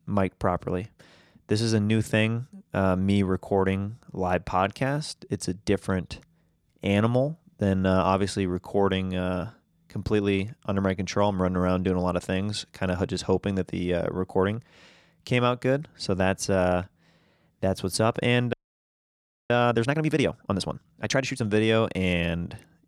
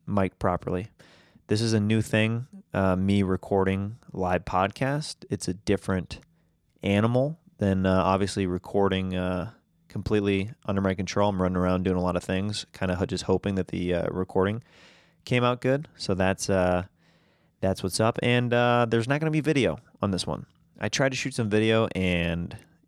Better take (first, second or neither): second